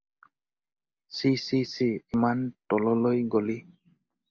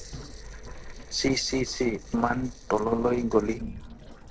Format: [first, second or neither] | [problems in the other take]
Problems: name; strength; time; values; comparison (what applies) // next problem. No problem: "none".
first | noise reduction (neural separator model SepFormer DNS4)